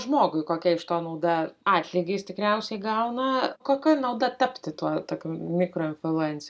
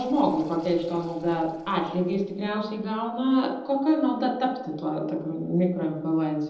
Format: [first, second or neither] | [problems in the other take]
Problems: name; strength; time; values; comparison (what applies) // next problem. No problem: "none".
first | noise reduction (neural separator model SepFormer DNS4)